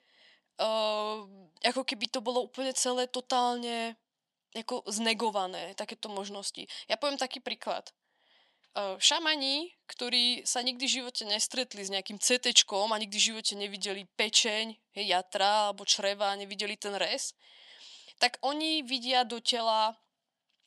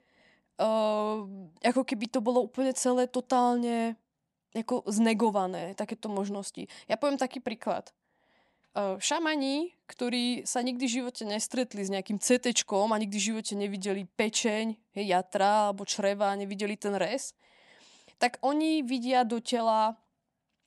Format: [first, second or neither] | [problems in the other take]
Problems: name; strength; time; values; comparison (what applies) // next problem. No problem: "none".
second | thin; very slightly; fading below 750 Hz